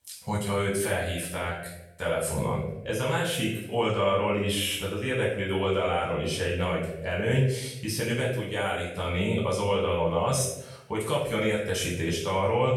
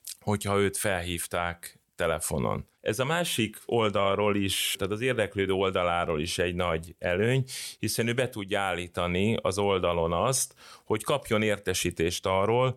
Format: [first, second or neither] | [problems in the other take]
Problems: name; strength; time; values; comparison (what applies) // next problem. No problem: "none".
second | off-mic speech; far // room echo; noticeable; dies away in 0.7 s